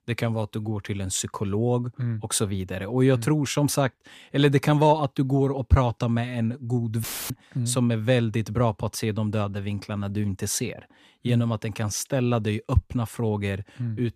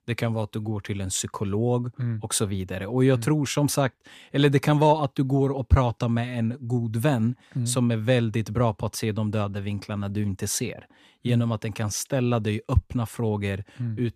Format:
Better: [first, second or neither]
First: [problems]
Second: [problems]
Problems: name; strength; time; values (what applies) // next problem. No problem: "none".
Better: second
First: audio cutting out; filled with static; at 7 s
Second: none